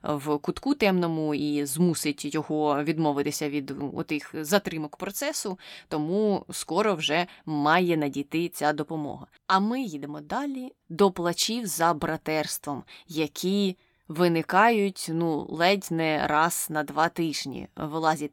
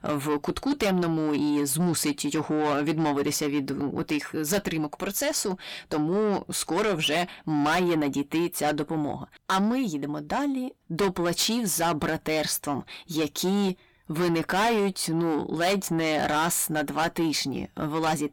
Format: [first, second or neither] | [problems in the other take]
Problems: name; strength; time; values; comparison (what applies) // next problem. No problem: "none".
first | distortion; heavy; 6 dB below the speech